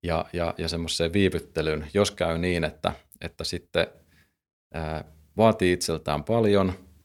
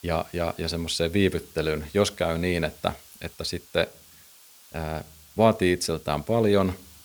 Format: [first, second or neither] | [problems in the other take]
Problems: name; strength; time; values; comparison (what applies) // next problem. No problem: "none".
first | hiss; faint; throughout; 25 dB below the speech